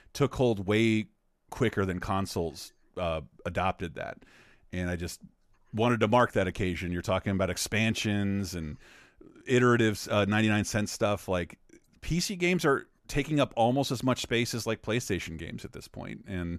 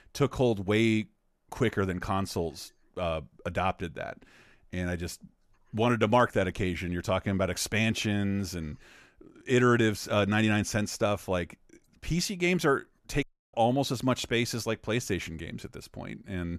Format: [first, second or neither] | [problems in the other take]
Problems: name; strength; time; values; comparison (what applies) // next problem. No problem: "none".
first | audio cutting out; at 13 s